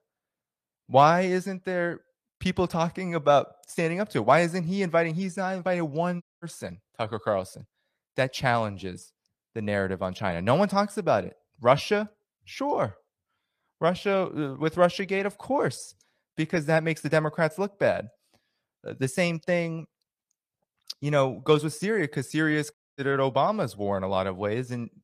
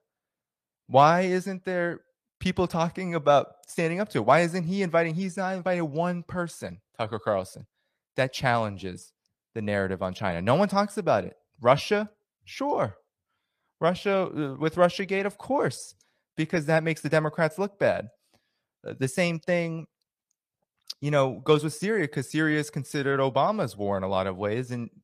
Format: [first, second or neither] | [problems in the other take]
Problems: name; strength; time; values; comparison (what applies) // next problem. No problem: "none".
second | audio cutting out; at 6 s and at 23 s